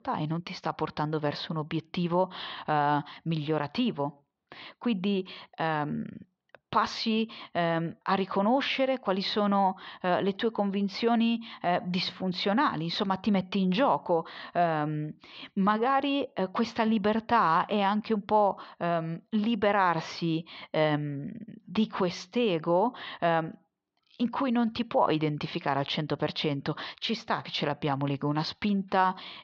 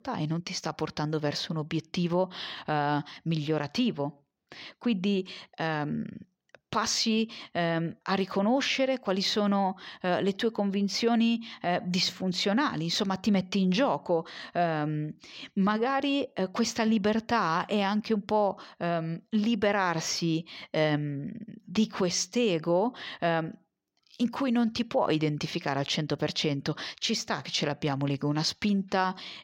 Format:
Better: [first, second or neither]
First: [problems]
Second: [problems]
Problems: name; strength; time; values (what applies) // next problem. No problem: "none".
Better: second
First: muffled; slightly; fading above 4 kHz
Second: none